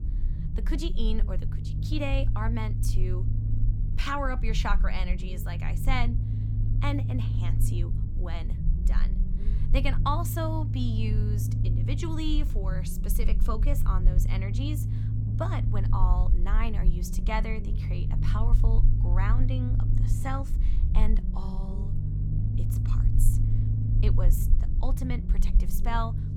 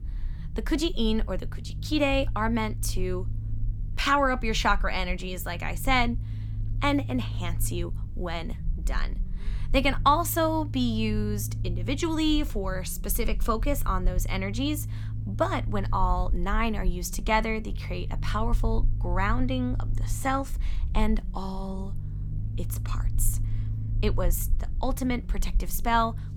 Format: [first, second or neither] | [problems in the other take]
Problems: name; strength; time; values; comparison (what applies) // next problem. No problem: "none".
second | low rumble; loud; throughout; 7 dB below the speech; faint in the second